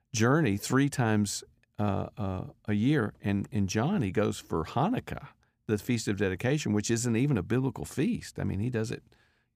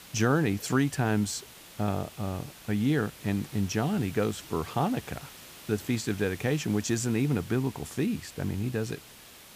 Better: first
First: none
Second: hiss; noticeable; throughout; 15 dB below the speech

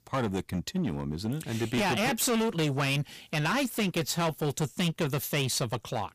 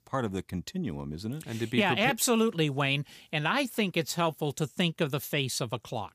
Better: second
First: distortion; heavy; 17% of the sound clipped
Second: none

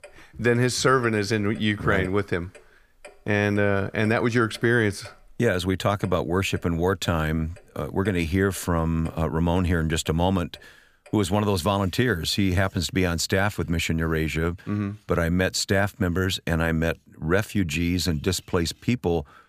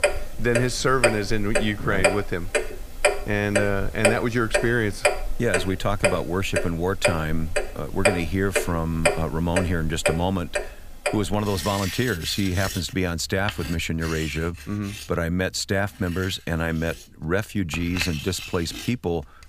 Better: first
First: household noises; faint; throughout; 30 dB below the speech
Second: household noises; loud; throughout; 2 dB below the speech

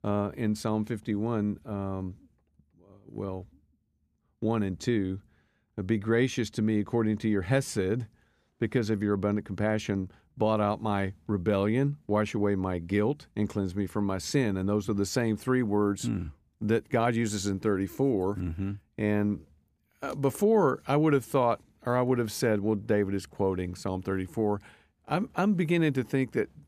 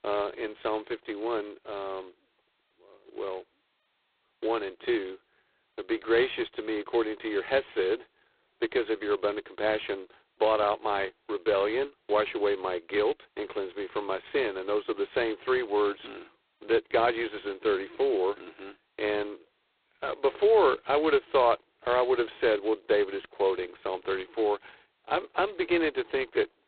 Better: first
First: none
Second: phone-call audio; poor line; nothing above 4 kHz

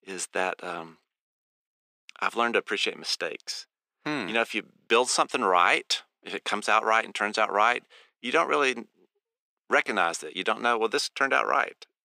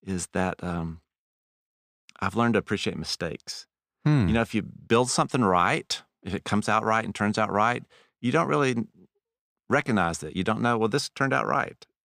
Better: second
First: thin; somewhat; fading below 350 Hz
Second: none

